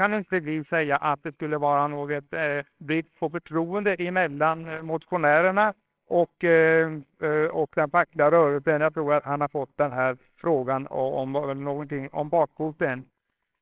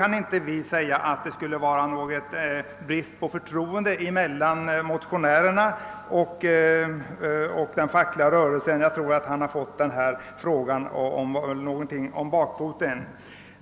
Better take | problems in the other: second | noise reduction (neural separator model SepFormer WHAMR!)

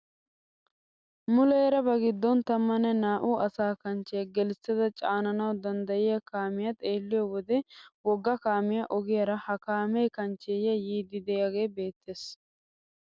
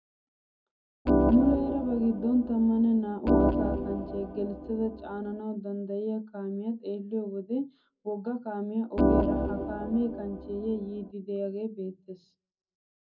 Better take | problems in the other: first | background sound (Organ); 2 dB above the speech // room echo; dies away in 0.4 s

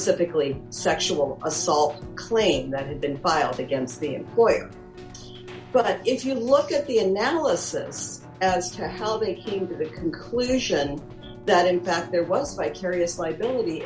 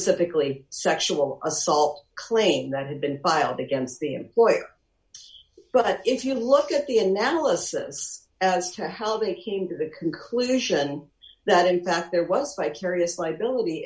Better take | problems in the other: second | background sound (Keyboard (musical)); 15 dB below the speech

